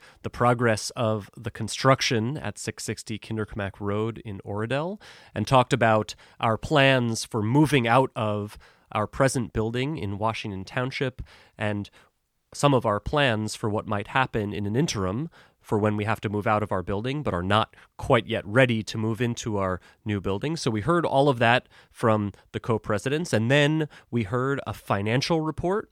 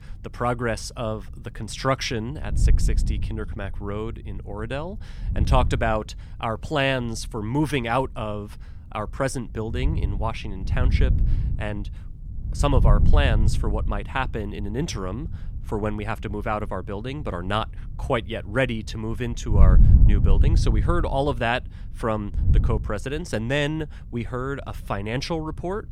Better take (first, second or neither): first